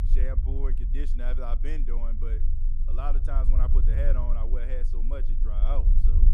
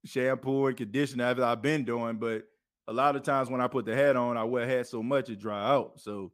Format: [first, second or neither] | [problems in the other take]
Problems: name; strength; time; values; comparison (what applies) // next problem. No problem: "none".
second | low rumble; loud; throughout; 9 dB below the speech